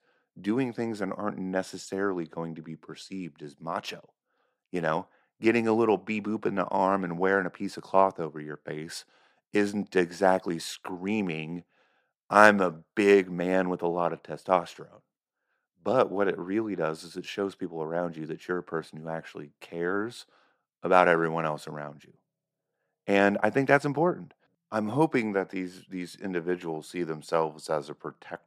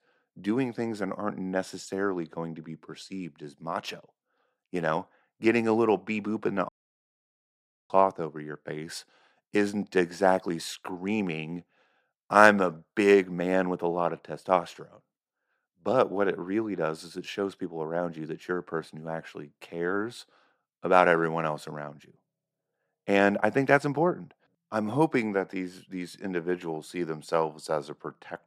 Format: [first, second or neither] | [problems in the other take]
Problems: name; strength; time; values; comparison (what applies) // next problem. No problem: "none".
first | audio cutting out; at 6.5 s for 1 s